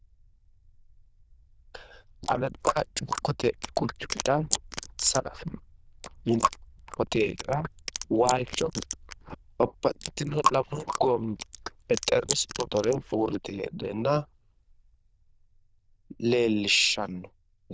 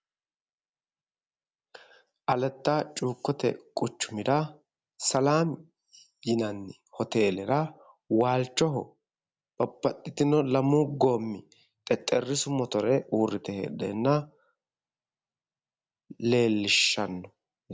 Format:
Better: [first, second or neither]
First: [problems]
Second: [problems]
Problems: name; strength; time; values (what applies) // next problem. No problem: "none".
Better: second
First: noise reduction (neural diffusion model UNIVERSE++)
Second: none